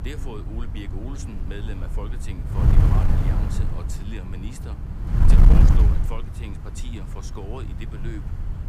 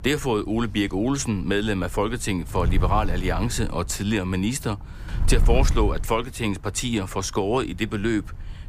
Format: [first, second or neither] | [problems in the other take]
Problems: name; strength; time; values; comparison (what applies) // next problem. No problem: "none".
second | wind noise on the microphone; heavy; 3 dB above the speech; occasional gusts in the second